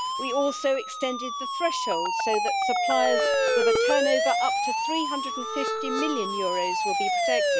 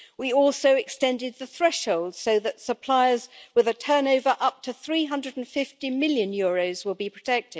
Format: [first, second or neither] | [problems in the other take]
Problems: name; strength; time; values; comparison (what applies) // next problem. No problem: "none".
second | background sound (Siren); 3 dB above the speech